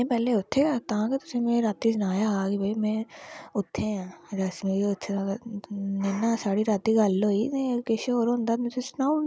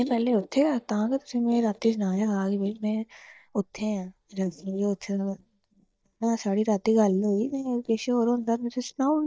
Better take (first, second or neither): first